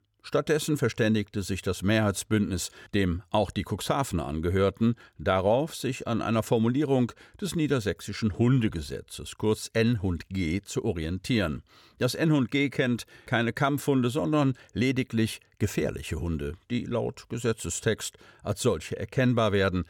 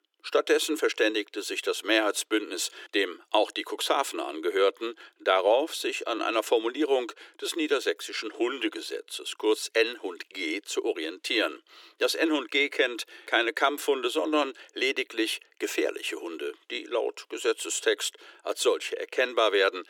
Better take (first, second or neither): first